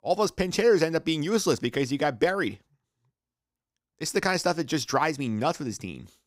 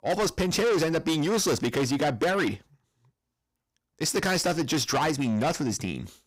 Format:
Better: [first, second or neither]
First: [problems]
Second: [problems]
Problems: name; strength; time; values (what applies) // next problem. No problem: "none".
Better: first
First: none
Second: distortion; heavy; 6 dB below the speech